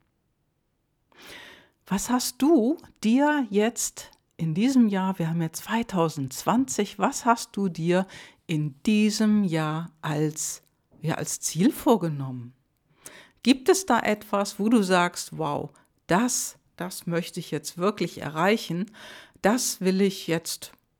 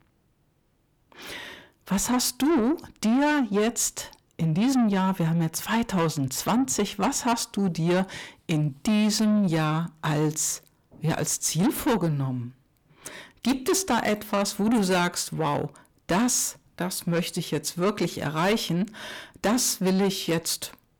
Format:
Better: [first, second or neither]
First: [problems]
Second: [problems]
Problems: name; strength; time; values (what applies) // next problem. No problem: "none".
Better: first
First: none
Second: distortion; heavy; 7 dB below the speech